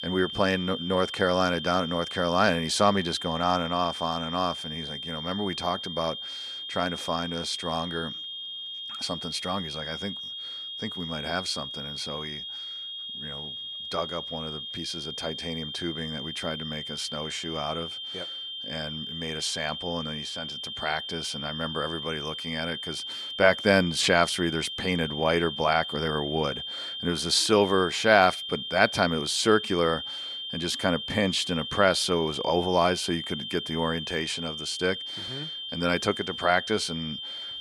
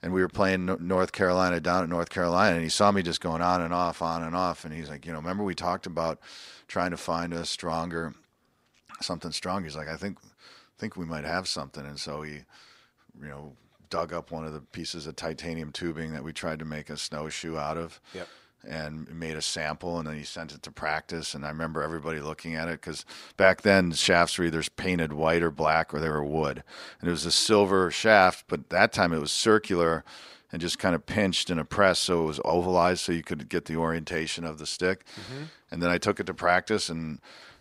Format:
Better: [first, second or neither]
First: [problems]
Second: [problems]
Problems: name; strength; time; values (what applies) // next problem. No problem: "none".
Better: second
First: high-pitched whine; loud; throughout; 3 kHz, 6 dB below the speech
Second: none